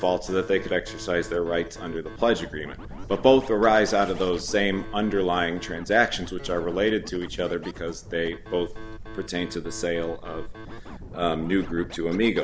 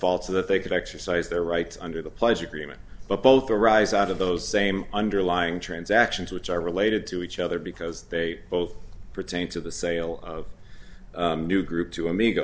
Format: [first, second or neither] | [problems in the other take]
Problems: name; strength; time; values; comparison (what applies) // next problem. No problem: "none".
second | background sound (Scratching (performance technique)); 16 dB below the speech